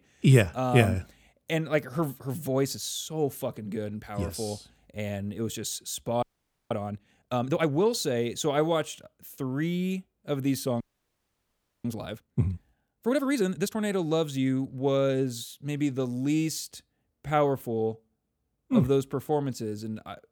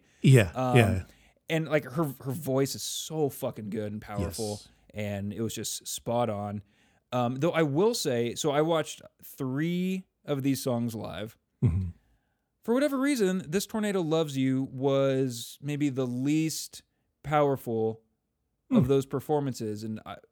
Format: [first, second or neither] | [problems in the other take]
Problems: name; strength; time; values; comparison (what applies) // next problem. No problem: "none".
second | audio freezing; at 6 s and at 11 s for 1 s